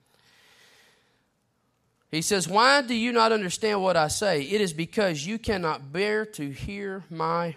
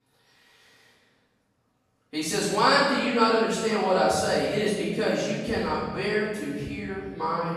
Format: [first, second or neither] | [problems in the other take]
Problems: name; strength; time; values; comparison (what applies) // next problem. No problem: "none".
first | off-mic speech; far // room echo; strong; dies away in 1.4 s